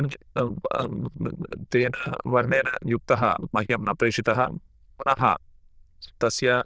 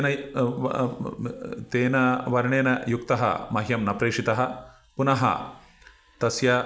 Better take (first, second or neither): second